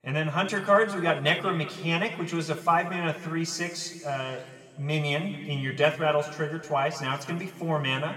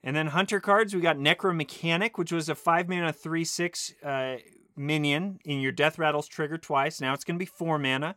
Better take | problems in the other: second | room echo; noticeable; dies away in 2 s // off-mic speech; somewhat distant

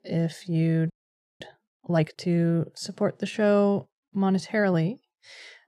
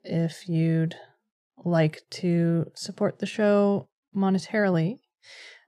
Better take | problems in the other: second | audio freezing; at 1 s

